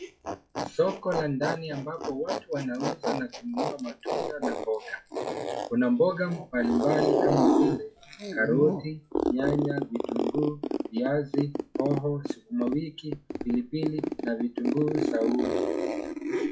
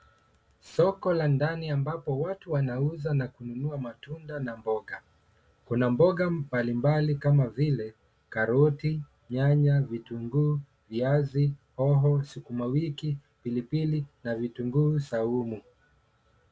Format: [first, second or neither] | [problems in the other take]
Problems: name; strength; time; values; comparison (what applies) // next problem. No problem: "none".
second | noise reduction (classical method WPE with log-MMSE)